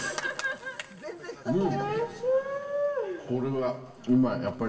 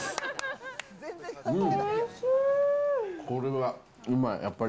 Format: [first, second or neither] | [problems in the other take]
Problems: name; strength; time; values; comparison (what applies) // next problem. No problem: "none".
second | room echo; dies away in 2 s